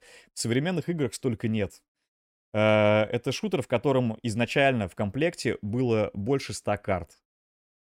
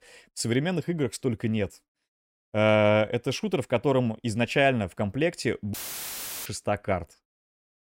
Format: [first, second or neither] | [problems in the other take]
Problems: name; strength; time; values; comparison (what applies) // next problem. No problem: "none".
first | audio cutting out; filled with static; at 5.5 s for 0.5 s